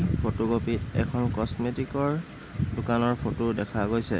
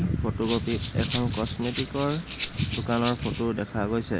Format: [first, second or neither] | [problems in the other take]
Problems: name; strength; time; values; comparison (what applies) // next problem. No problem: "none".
first | background sound (Rattle (instrument)); 10 dB below the speech